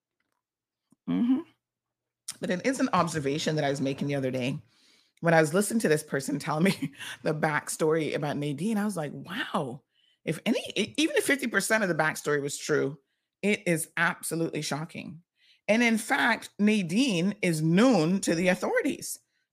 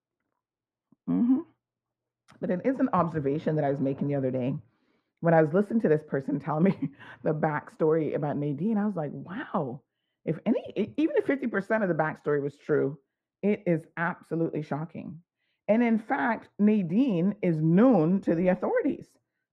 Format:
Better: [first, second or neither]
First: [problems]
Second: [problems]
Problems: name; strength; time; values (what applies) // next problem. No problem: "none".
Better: first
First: none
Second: muffled; very; fading above 3 kHz